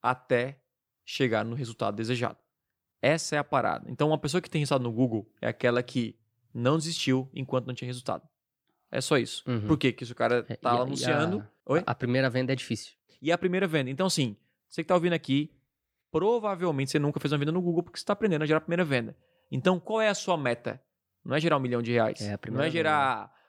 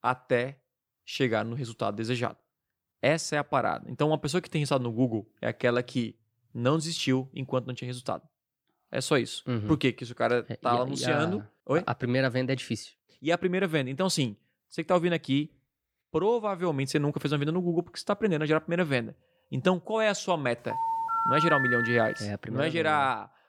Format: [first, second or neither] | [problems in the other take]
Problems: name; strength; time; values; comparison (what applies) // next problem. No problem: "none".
first | phone ringing; loud; from 21 to 22 s; peak 3 dB above the speech